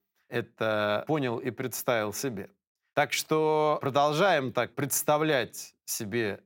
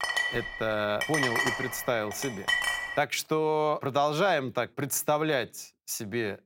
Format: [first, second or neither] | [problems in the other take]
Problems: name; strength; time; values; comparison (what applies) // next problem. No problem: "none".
first | clattering dishes; loud; until 3 s; peak 3 dB above the speech